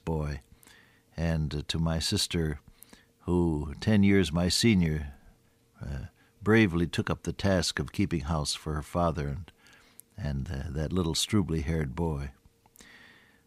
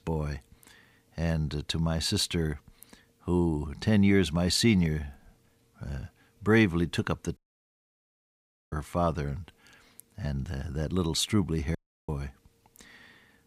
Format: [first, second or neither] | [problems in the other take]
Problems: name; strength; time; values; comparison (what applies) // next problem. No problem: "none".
first | audio cutting out; at 7.5 s for 1.5 s and at 12 s